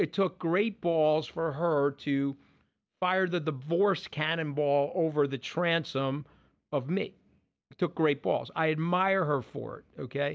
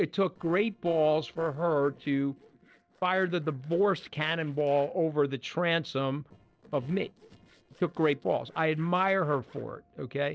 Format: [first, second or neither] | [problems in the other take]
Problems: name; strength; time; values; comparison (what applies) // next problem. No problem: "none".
first | noise reduction (neural separator model SepFormer DNS4)